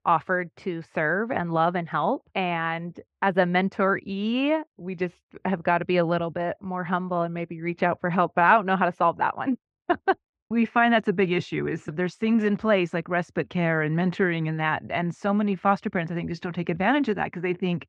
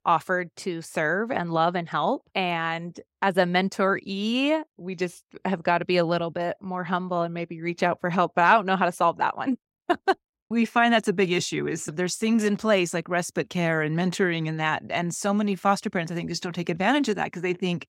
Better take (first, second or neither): second